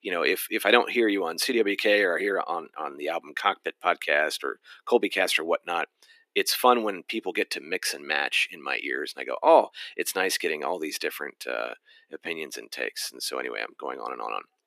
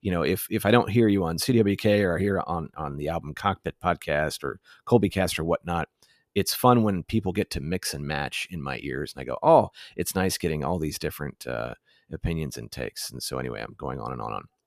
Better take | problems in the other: second | thin; somewhat; fading below 300 Hz

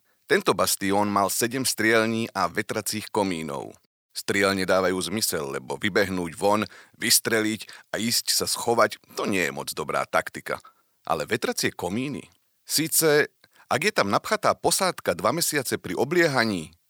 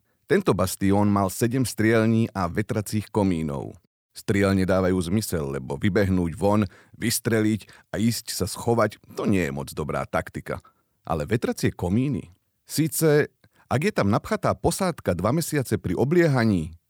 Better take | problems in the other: second | thin; somewhat; fading below 850 Hz

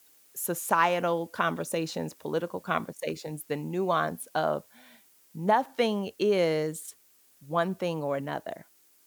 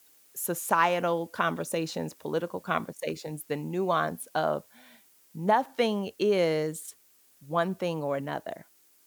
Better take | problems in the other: neither | hiss; faint; throughout; 30 dB below the speech; the same in both

